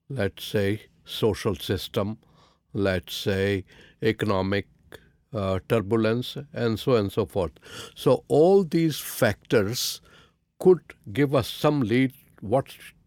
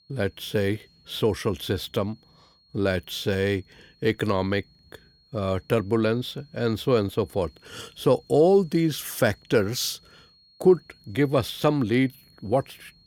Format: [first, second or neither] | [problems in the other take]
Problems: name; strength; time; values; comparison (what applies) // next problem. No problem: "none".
first | high-pitched whine; faint; throughout; 4.5 kHz, 30 dB below the speech